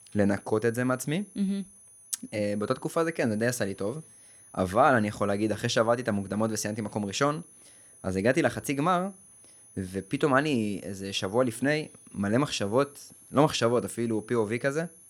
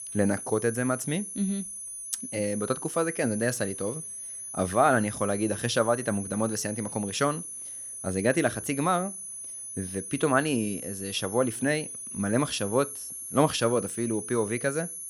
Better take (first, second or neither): first